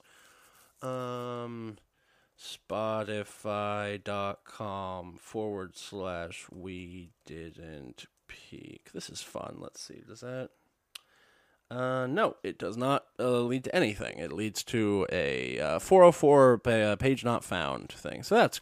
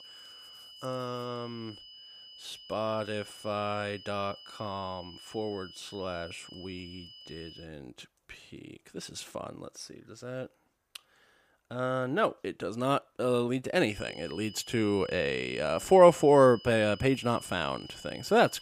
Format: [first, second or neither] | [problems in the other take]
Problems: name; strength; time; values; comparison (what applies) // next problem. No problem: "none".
first | high-pitched whine; noticeable; until 7.5 s and from 14 s on; 3 kHz, 20 dB below the speech